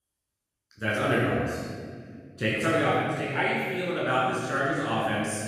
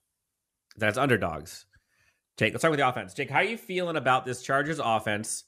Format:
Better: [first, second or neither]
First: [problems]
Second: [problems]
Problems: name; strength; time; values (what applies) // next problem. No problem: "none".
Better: second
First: room echo; strong; dies away in 1.7 s // off-mic speech; far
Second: none